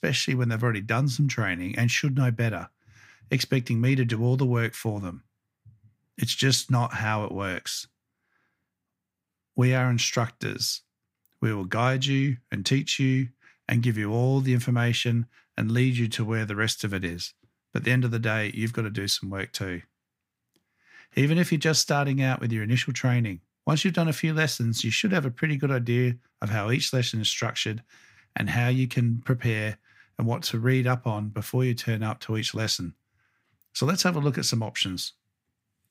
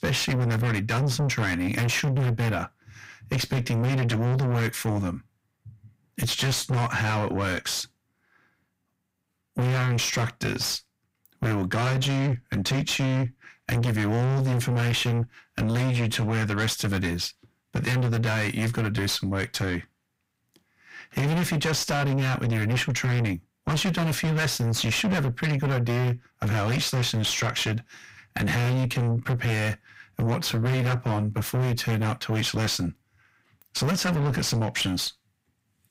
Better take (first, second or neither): first